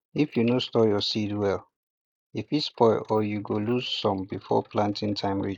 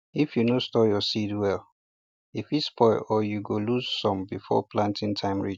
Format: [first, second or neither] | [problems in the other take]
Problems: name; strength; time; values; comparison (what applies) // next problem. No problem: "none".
second | noise reduction (neural mask model Resemble Enhance denoiser)